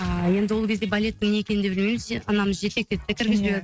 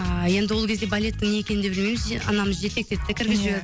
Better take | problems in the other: second | noise reduction (neural mask model RNNoise)

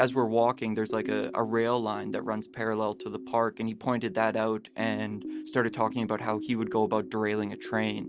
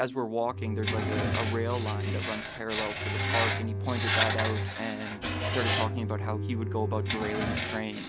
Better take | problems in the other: first | background sound (Screech + Bowed string instrument); 2 dB above the speech

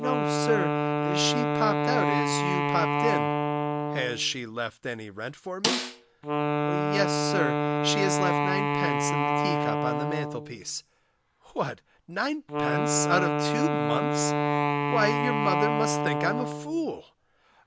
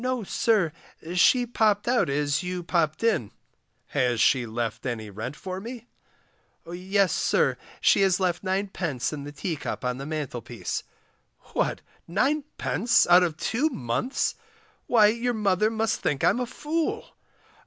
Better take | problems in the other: second | background sound (Wind instrument, woodwind instrument + Snare drum); 4 dB above the speech

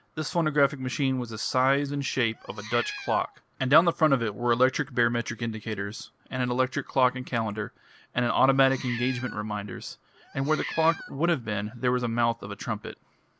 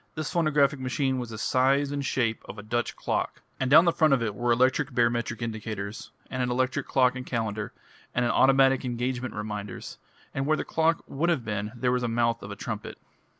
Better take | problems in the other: second | background sound (Meow); 14 dB below the speech

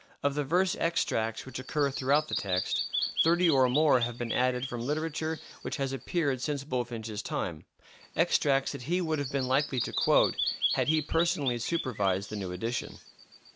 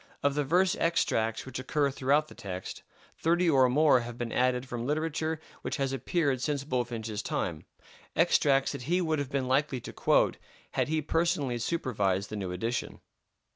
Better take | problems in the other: second | background sound (Bird vocalization, bird call, bird song); 8 dB below the speech

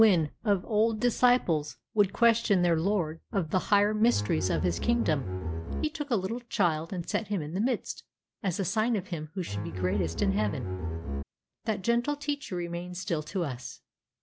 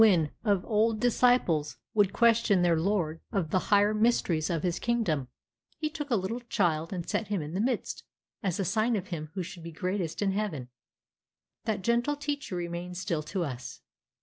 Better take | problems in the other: second | background sound (Bowed string instrument); 3 dB below the speech

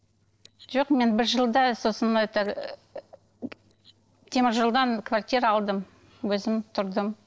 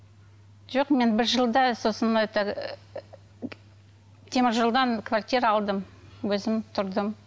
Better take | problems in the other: second | noise reduction (neural separator model SepFormer DNS4)

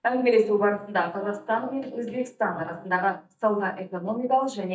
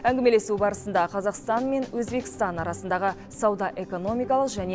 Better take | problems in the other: second | noise reduction (neural mask model DeepFilterNet 3)

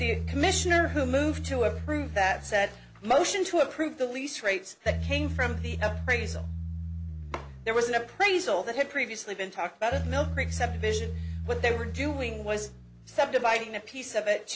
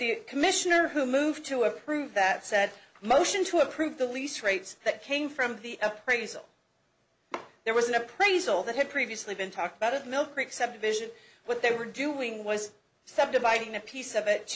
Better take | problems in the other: second | background sound (Bass guitar); 6 dB below the speech

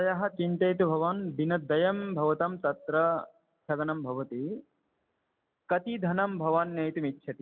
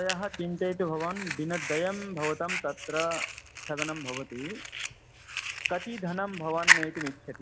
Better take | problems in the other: first | background sound (Fire); as loud as the speech

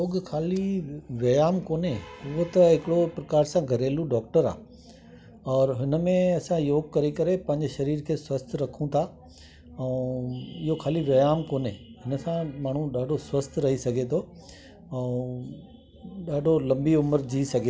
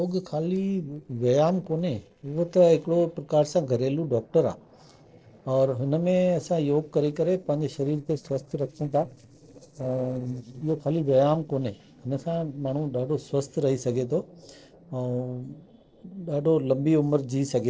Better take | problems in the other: first | noise reduction (neural separator model SepFormer DNS4)

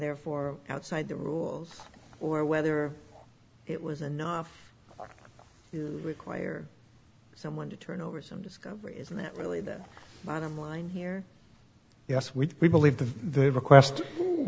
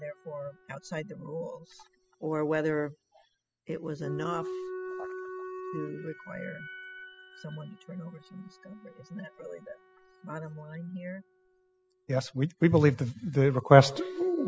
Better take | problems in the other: first | noise reduction (classical method spectral subtraction)

